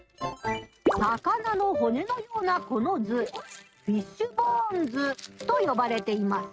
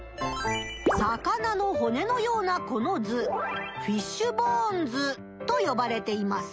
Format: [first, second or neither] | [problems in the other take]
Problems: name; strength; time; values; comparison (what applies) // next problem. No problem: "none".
second | noise reduction (neural mask model RNNoise)